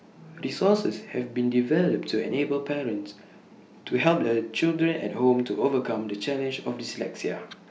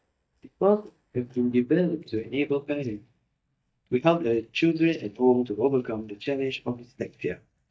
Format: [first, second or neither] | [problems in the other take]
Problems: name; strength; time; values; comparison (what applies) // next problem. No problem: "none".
first | noise reduction (neural mask model DeepFilterNet 3)